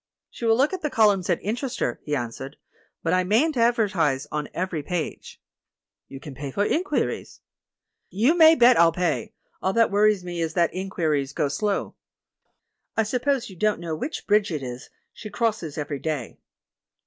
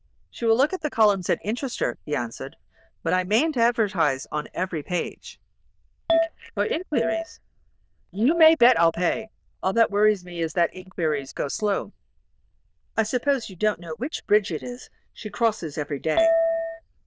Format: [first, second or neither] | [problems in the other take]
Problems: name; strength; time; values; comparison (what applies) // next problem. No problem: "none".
first | noise reduction (neural diffusion model UNIVERSE++)